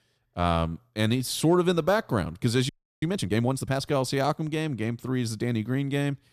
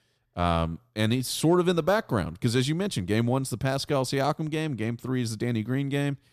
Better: second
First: audio freezing; at 2.5 s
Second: none

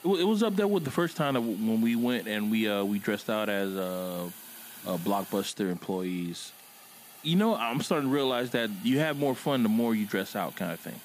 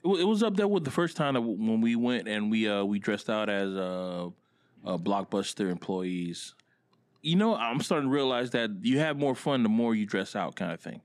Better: second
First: hiss; noticeable; throughout; 15 dB below the speech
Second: none

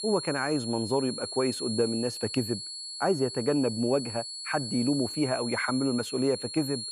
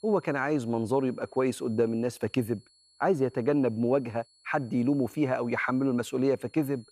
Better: second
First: high-pitched whine; loud; throughout; 4.5 kHz, 6 dB below the speech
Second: high-pitched whine; faint; throughout; 4.5 kHz, 30 dB below the speech

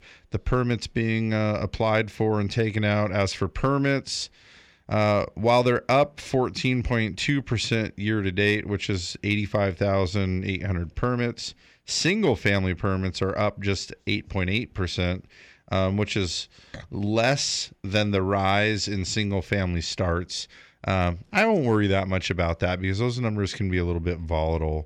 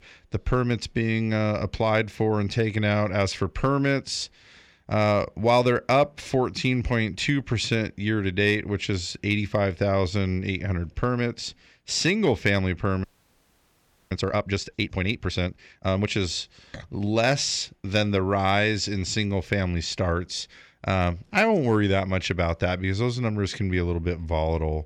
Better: first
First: none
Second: audio freezing; at 13 s for 1 s

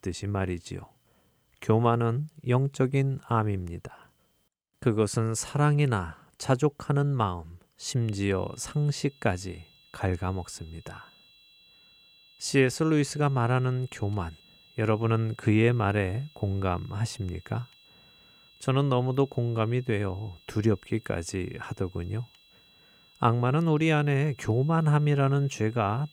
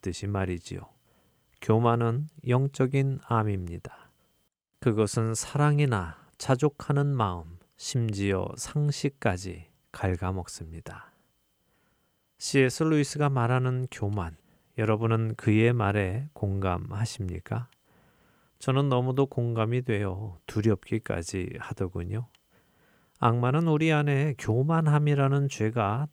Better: second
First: high-pitched whine; faint; from 8 s on; 4 kHz, 30 dB below the speech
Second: none

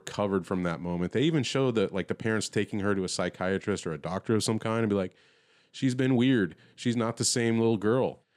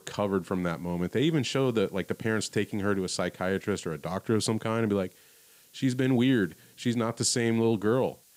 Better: first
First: none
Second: hiss; faint; throughout; 30 dB below the speech

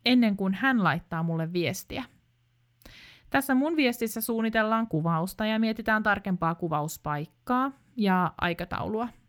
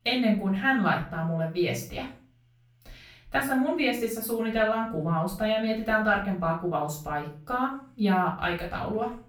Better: first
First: none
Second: off-mic speech; far // room echo; slight; dies away in 0.3 s

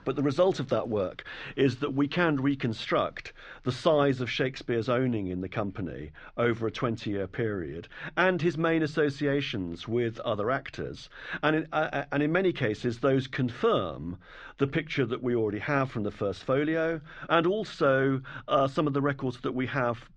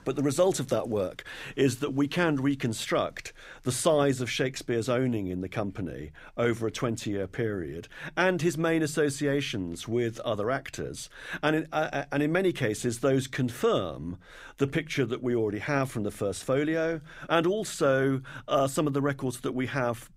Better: second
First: muffled; slightly; fading above 4.5 kHz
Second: none

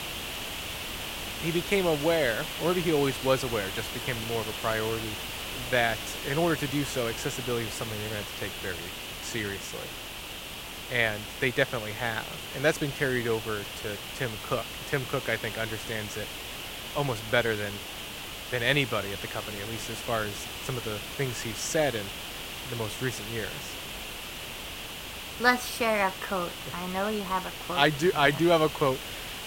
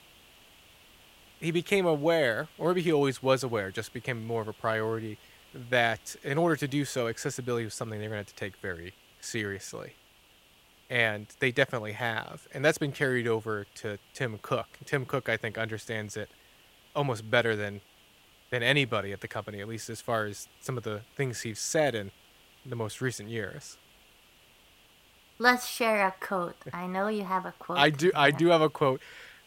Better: second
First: hiss; loud; throughout; 6 dB below the speech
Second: hiss; faint; throughout; 25 dB below the speech

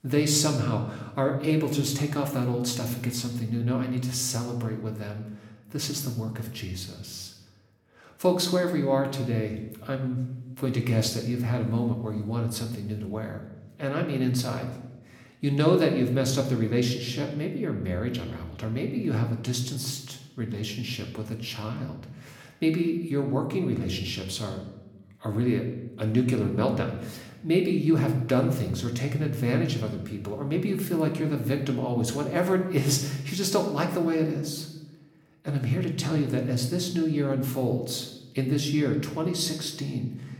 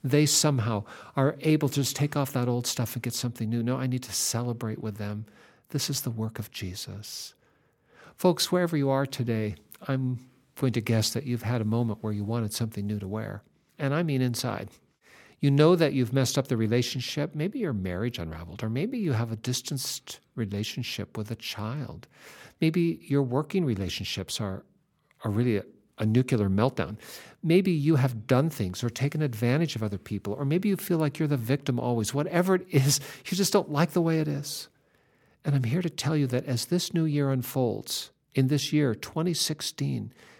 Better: second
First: room echo; slight; dies away in 0.8 s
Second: none

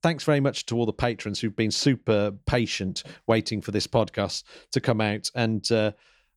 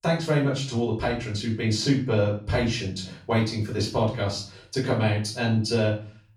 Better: first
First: none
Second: room echo; slight; dies away in 0.4 s // off-mic speech; far

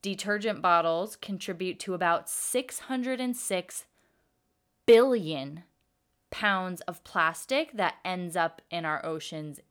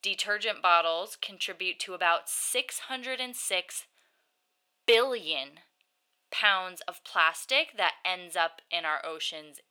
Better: first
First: none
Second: thin; very; fading below 650 Hz

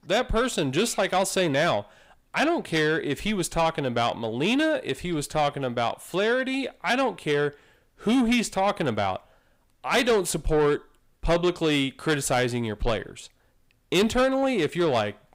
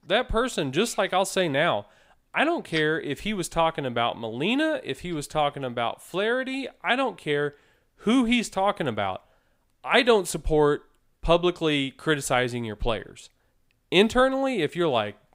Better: second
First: distortion; slight; 10 dB below the speech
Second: none

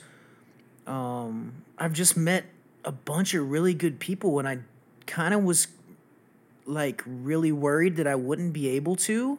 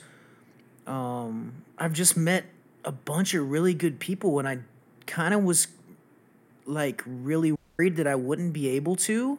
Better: first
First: none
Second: audio cutting out; at 7.5 s

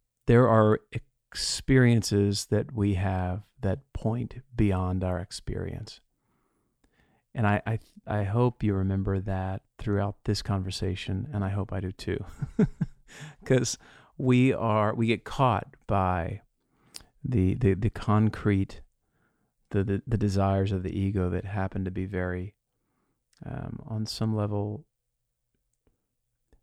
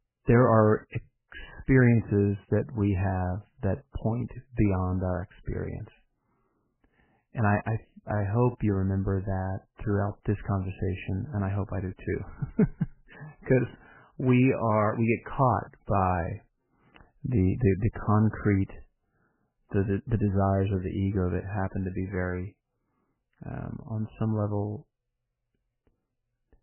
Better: first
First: none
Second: garbled, watery; badly; nothing above 2.5 kHz

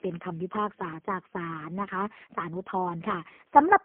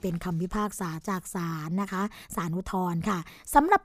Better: second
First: phone-call audio; poor line; nothing above 3 kHz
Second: none

